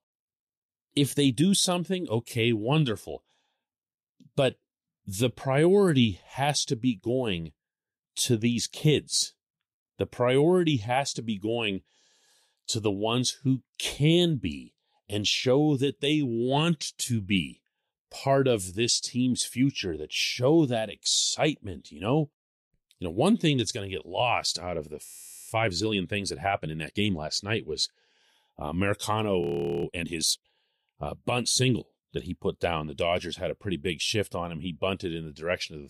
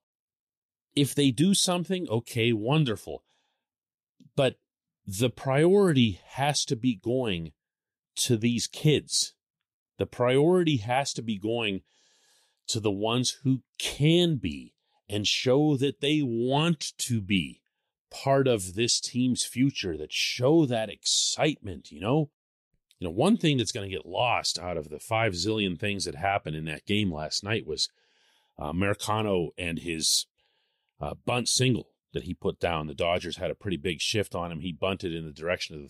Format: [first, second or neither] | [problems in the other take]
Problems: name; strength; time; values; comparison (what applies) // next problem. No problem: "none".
second | audio freezing; at 25 s and at 29 s